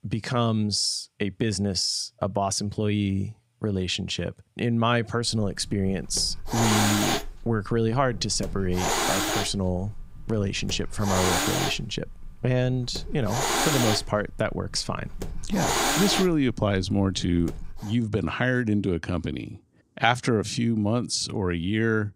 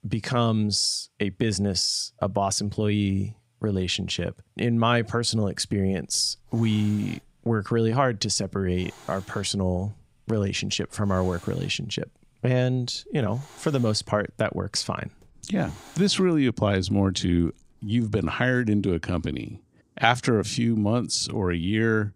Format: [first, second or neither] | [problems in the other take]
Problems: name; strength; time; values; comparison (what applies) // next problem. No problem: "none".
second | hiss; loud; from 5.5 to 18 s; as loud as the speech; faint in the second